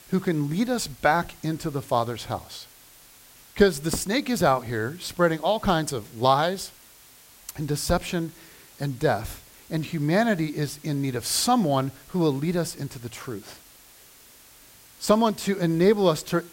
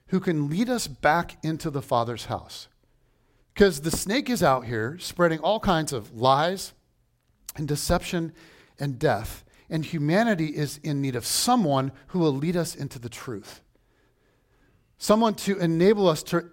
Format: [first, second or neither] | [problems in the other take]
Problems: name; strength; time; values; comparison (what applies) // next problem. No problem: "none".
second | hiss; faint; throughout; 25 dB below the speech